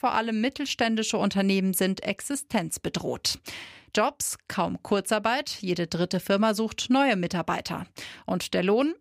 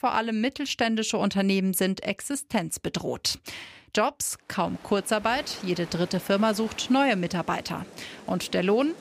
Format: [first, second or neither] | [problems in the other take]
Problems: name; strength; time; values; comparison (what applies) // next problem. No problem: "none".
first | rain or running water; noticeable; from 5 s on; 20 dB below the speech